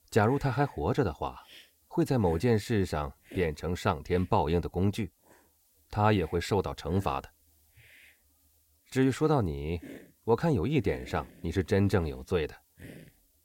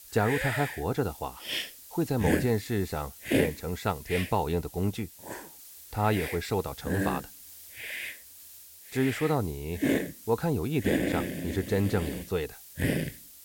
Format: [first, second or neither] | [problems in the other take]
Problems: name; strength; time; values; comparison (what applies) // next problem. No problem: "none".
first | hiss; loud; throughout; 2 dB below the speech; faint in the first